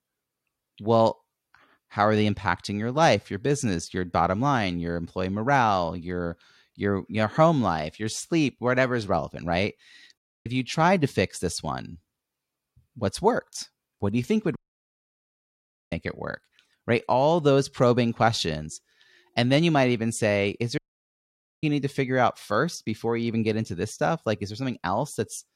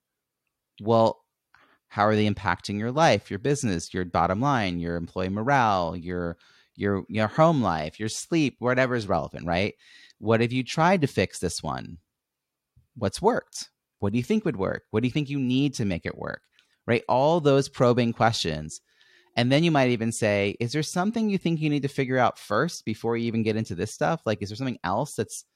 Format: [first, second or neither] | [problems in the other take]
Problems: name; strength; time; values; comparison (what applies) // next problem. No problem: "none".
second | audio cutting out; at 10 s, at 15 s for 1.5 s and at 21 s for 1 s